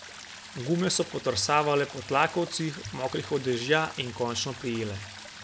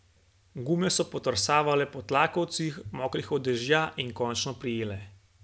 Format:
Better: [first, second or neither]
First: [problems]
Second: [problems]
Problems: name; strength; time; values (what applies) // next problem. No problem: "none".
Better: second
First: background sound (Stream); 15 dB below the speech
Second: none